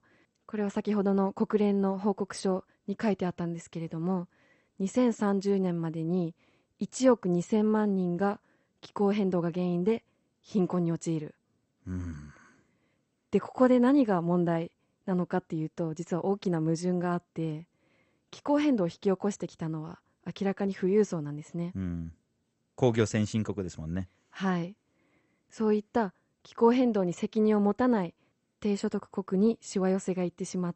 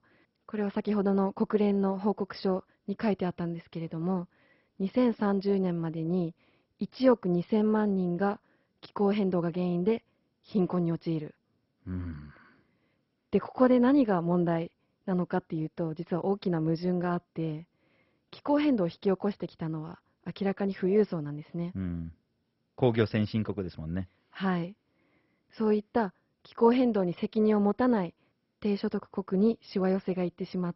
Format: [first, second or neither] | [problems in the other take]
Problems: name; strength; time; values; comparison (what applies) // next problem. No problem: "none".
first | garbled, watery; badly; nothing above 5.5 kHz; slightly in the first